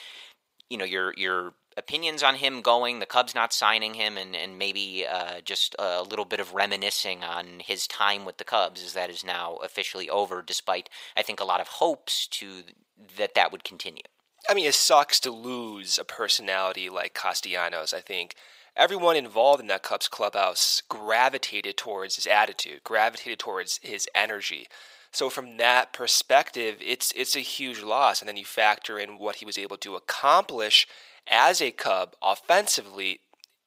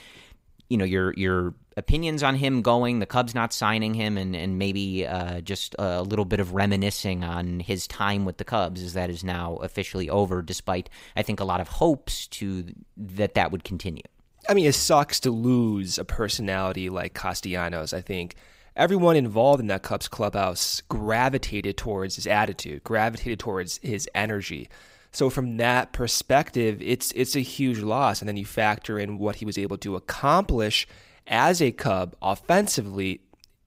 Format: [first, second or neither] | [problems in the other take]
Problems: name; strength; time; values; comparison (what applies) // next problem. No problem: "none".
second | thin; very; fading below 700 Hz